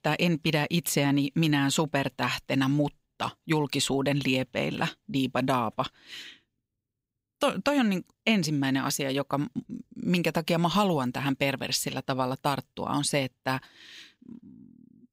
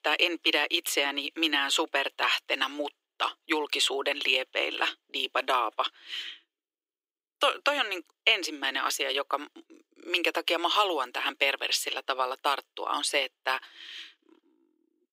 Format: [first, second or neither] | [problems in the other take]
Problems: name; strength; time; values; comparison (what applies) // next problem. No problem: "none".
first | thin; very; fading below 300 Hz